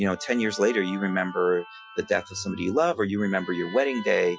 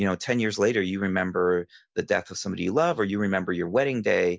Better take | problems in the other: second | noise reduction (classical method Wiener filter)

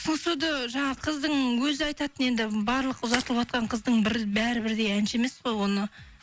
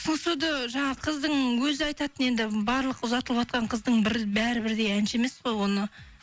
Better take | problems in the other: second | background sound (Crushing); 12 dB below the speech

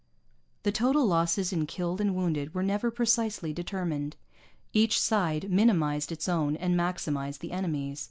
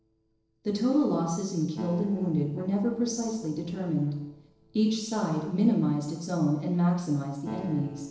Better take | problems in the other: first | noise reduction (neural separator model SepFormer DNS4)

